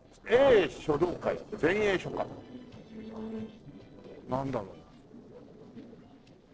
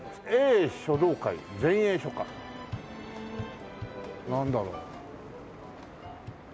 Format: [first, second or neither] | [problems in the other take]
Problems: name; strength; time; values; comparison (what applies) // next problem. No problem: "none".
second | noise reduction (neural separator model SepFormer DNS4)